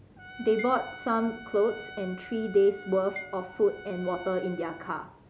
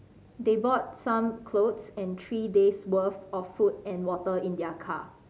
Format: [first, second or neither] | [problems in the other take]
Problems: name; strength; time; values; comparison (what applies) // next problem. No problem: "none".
second | background sound (Trumpet + Marimba, xylophone); 16 dB below the speech